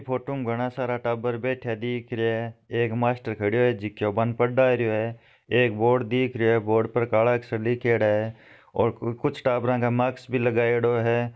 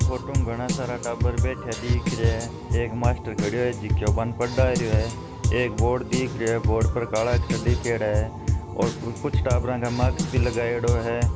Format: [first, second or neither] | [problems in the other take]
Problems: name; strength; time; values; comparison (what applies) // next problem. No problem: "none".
first | background sound (Drum kit); 2 dB above the speech